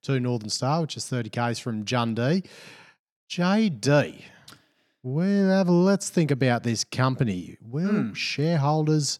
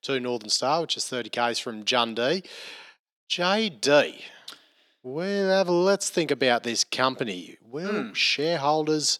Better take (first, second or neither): first